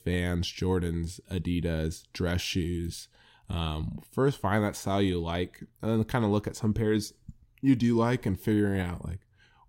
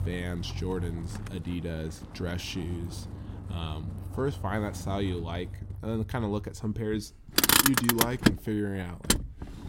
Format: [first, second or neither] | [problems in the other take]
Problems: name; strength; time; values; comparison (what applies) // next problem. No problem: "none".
first | traffic noise; very loud; throughout; 4 dB above the speech